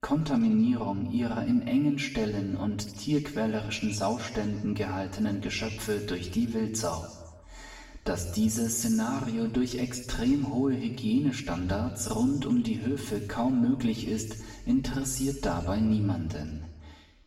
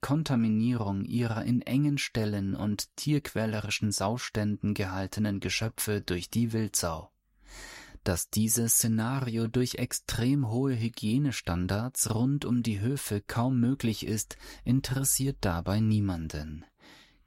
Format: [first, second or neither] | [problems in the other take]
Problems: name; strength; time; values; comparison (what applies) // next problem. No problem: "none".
second | room echo; noticeable; dies away in 1.2 s // off-mic speech; far